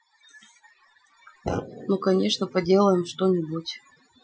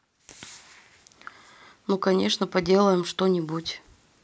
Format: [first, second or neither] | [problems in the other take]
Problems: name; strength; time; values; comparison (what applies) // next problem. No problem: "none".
second | noise reduction (classical method Wiener filter)